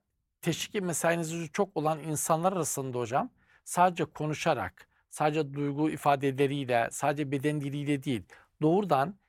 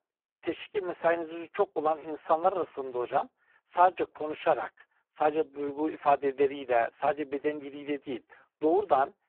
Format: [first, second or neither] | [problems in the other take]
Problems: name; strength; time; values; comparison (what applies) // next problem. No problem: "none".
first | phone-call audio; poor line